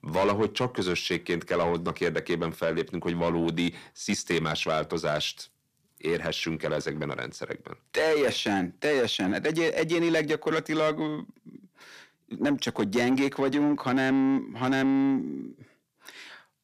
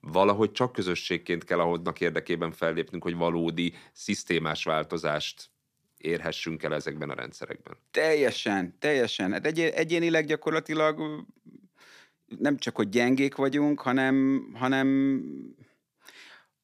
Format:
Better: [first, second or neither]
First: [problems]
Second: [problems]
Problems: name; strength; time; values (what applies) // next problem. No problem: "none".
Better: second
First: distortion; slight; 10 dB below the speech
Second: none